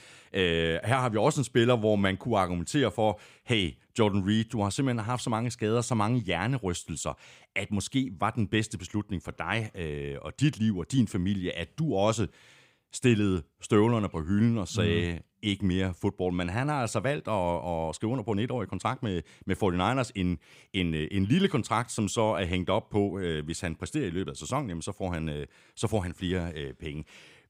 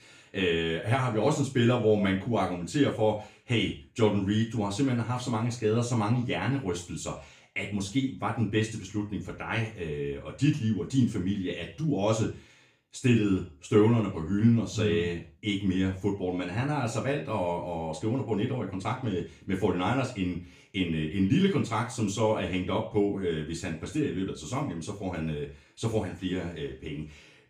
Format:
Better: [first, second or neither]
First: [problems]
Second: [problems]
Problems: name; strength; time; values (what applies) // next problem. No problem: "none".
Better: first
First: none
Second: room echo; slight; dies away in 0.4 s // off-mic speech; far